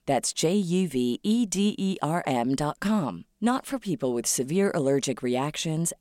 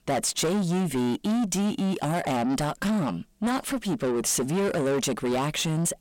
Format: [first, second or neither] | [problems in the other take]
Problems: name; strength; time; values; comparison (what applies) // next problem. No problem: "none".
first | distortion; heavy; 8 dB below the speech